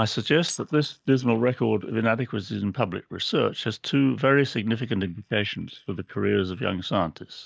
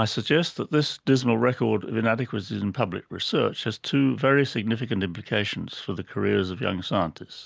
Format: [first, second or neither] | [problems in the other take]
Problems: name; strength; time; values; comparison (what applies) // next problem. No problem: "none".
second | noise reduction (neural mask model DeepFilterNet 3)